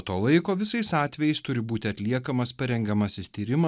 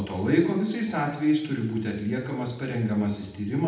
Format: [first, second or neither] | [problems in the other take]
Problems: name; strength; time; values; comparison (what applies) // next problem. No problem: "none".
first | room echo; dies away in 0.8 s